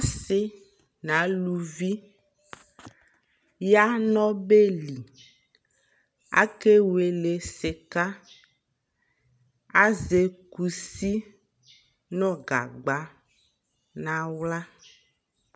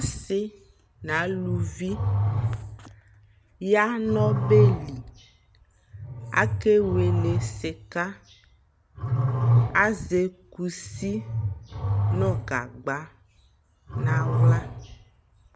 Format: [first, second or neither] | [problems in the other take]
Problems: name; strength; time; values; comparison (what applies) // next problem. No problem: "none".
first | background sound (Growling); 1 dB above the speech